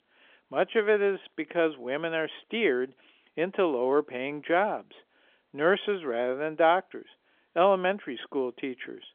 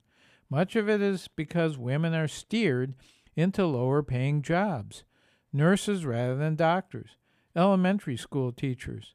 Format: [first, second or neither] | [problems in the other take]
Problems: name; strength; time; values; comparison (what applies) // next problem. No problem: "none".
second | phone-call audio; nothing above 3.5 kHz